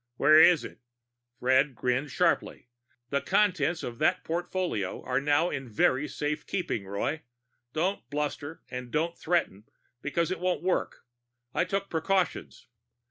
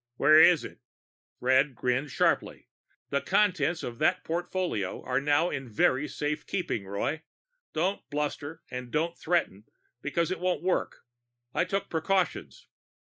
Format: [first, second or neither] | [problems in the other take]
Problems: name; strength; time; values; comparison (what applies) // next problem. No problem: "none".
first | noise reduction (neural mask model Resemble Enhance denoiser)